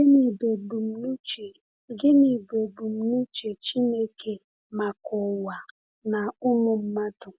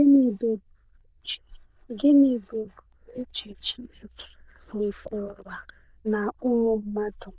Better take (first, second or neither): first